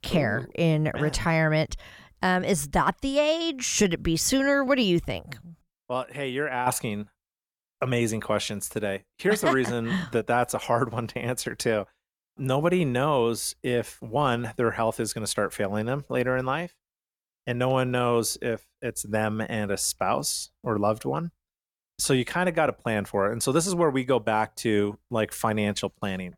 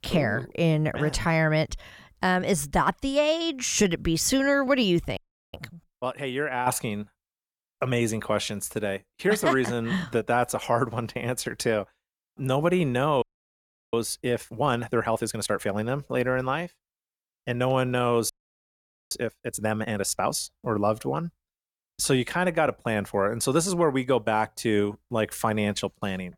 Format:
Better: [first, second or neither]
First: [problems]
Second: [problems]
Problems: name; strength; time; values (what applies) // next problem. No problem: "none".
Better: first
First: none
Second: audio freezing; at 5 s, at 13 s for 0.5 s and at 18 s for 1 s